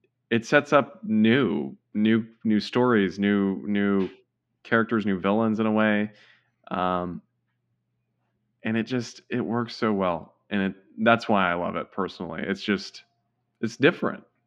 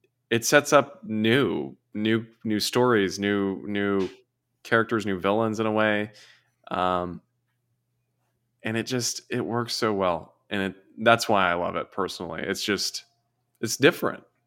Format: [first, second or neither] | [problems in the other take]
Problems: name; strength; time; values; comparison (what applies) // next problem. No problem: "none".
second | muffled; slightly; fading above 2.5 kHz